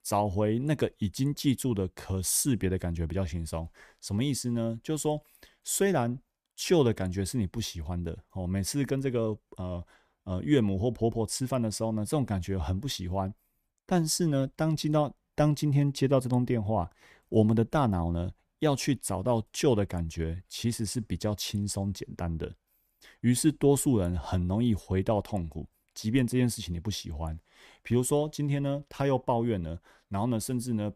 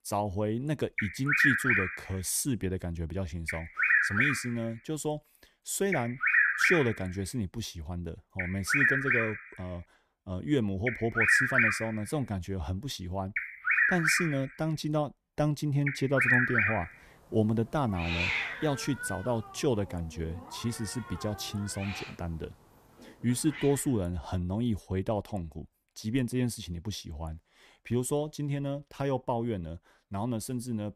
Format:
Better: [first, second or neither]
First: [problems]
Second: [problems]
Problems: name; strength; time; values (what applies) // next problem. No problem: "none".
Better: first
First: none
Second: animal sounds; very loud; until 23 s; 5 dB above the speech